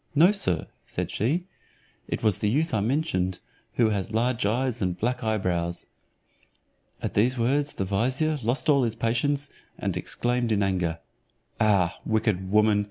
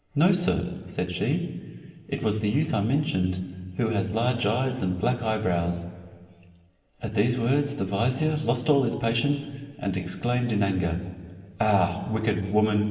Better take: first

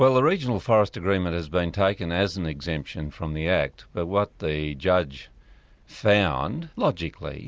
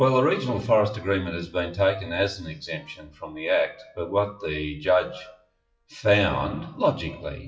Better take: first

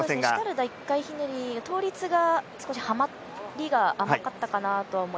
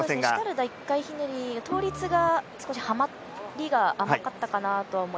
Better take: first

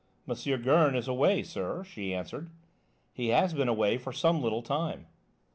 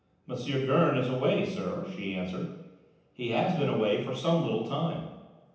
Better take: first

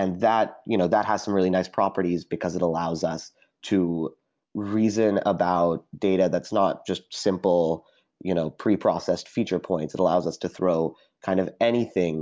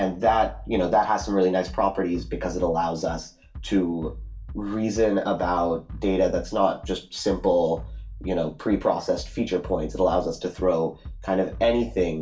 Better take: first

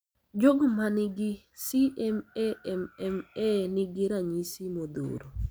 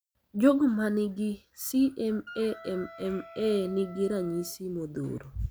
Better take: first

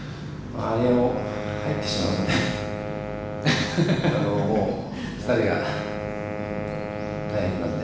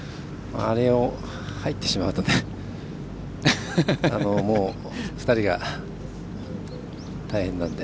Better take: second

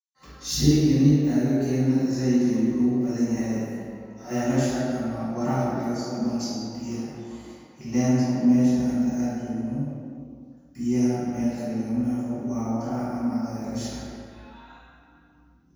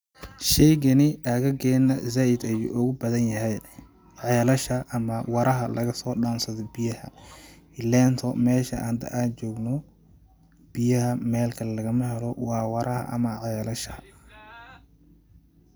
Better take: second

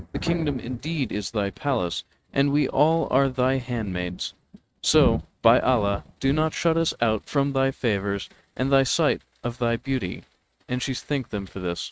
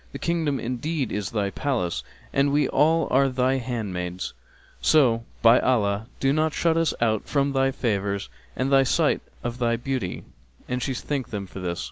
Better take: second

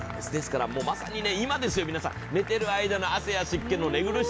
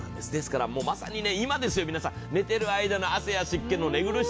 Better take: second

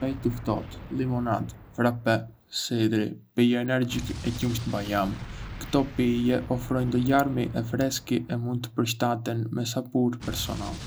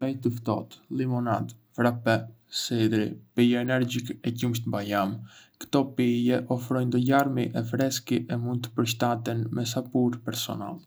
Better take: second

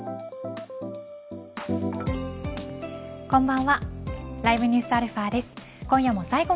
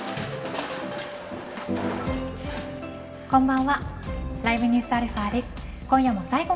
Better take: first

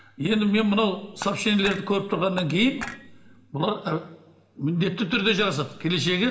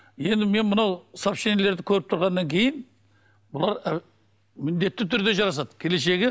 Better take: second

